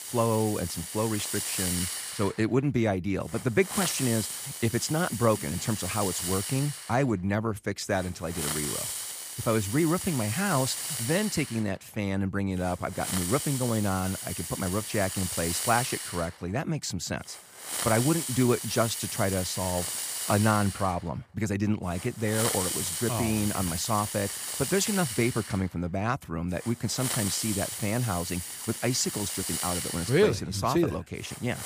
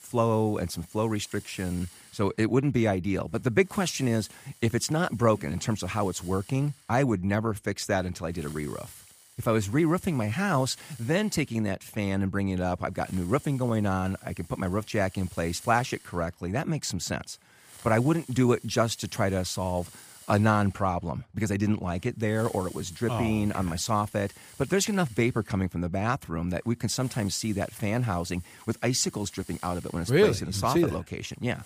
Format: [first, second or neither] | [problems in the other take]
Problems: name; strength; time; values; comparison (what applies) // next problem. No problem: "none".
second | hiss; loud; throughout; 3 dB below the speech; faint in the second